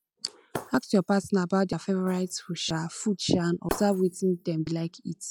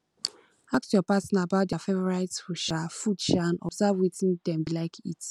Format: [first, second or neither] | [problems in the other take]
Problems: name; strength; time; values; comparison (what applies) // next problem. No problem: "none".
second | noise reduction (classical method log-MMSE)